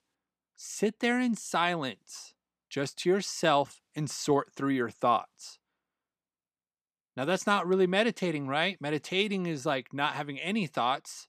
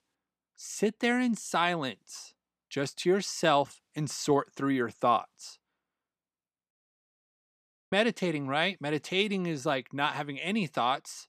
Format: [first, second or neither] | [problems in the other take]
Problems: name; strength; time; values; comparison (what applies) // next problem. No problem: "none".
first | audio freezing; at 6.5 s for 1 s